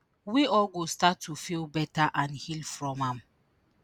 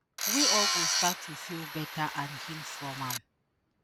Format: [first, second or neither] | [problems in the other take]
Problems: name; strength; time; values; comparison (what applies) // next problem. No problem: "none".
first | background sound (Tools); 5 dB above the speech